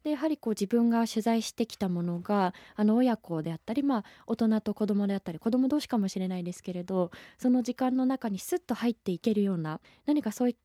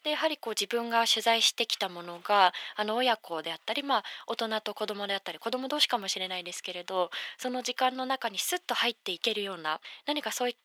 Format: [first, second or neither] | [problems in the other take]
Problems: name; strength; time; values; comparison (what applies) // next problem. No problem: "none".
first | thin; very; fading below 800 Hz